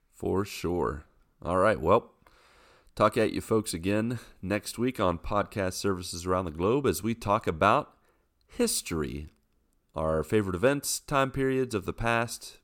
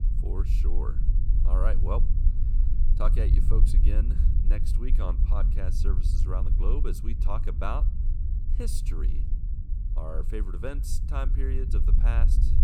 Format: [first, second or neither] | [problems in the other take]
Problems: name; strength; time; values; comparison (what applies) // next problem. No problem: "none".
first | low rumble; loud; throughout; 8 dB below the speech